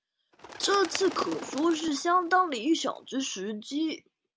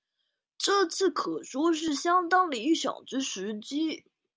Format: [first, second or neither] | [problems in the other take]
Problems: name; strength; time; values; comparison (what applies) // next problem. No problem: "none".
second | background sound (Bird); 14 dB below the speech